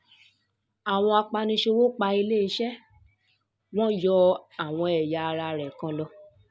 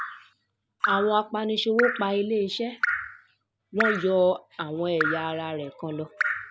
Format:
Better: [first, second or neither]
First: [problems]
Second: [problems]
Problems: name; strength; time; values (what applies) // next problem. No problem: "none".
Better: first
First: none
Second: background sound (Drip); 5 dB below the speech